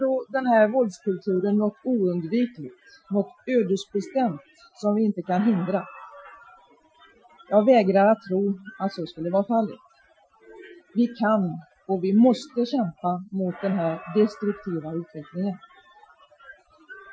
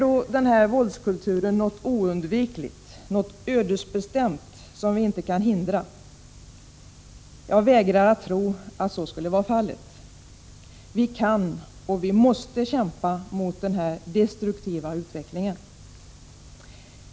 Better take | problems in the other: second | noise reduction (classical method Wiener filter)

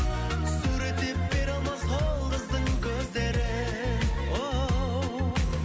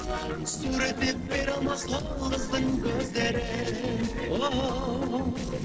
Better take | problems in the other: first | noise reduction (neural separator model SepFormer DNS4)

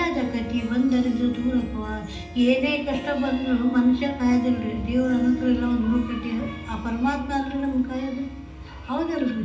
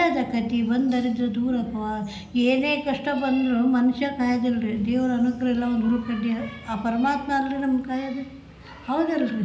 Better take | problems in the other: second | background sound (Harp); 15 dB below the speech // room echo; dies away in 0.3 s

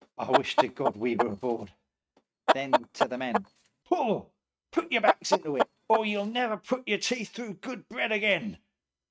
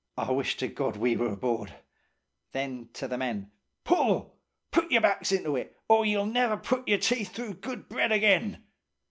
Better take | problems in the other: second | noise reduction (neural mask model RNNoise)

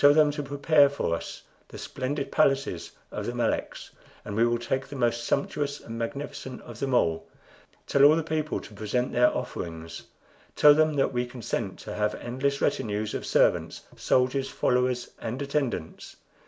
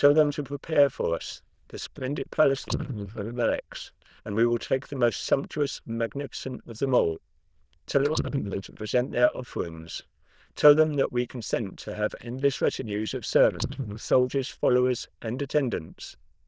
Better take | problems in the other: first | noise reduction (neural diffusion model UNIVERSE++)

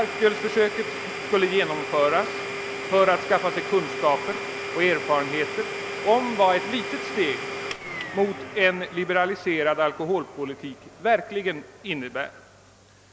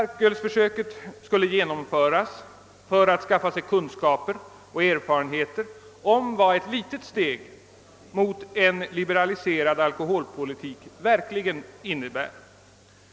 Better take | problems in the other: second | background sound (Domestic sounds, home sounds); 8 dB below the speech

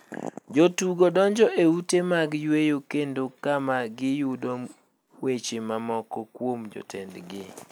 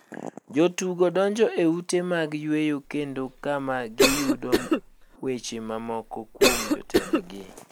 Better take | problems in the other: first | background sound (Cough); as loud as the speech

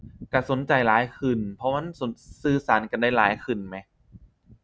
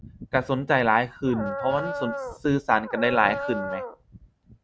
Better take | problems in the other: first | background sound (Dog); 6 dB below the speech

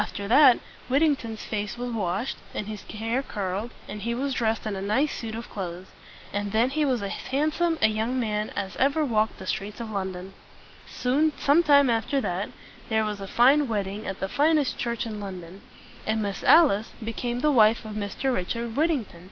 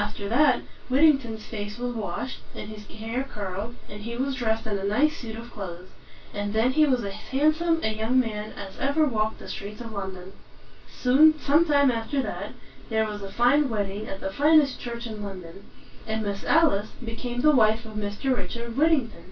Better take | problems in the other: first | room echo; dies away in 0.2 s

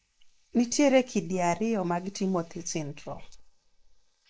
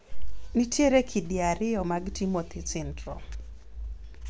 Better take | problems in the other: second | noise reduction (neural mask model Resemble Enhance denoiser)

